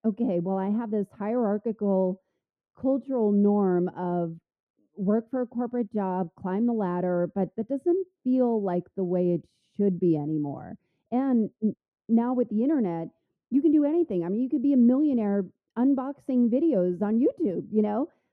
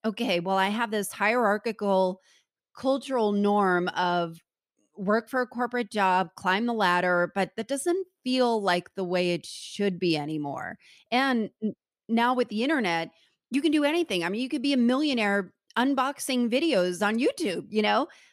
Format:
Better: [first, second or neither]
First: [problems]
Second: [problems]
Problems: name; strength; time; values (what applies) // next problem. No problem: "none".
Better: second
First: muffled; very; fading above 1 kHz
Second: none